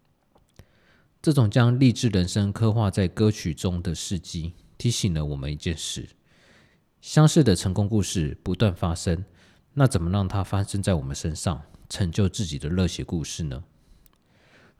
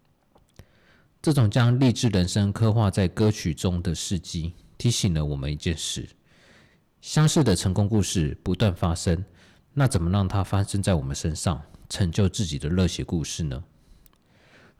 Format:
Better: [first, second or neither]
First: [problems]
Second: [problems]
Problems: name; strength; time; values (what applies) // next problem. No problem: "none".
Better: first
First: none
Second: distortion; slight; 3% of the sound clipped